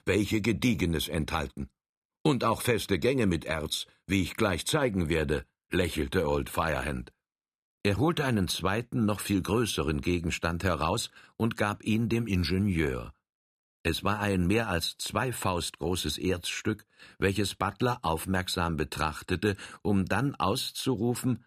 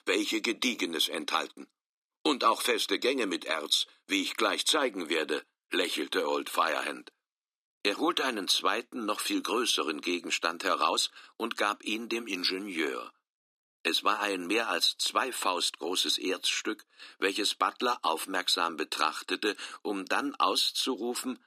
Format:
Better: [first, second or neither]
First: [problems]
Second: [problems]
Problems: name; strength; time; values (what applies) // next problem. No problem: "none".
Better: first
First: none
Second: thin; somewhat; fading below 250 Hz